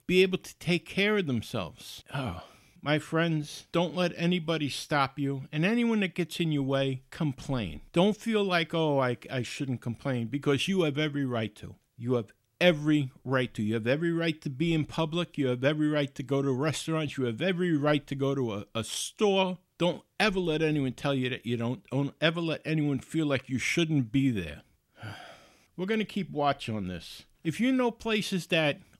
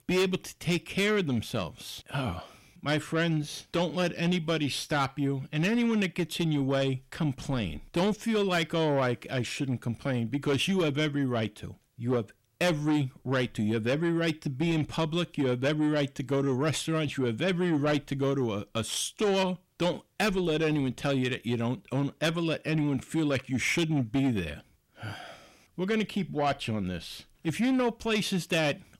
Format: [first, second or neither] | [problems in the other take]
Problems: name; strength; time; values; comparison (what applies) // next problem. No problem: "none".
first | distortion; slight; 10 dB below the speech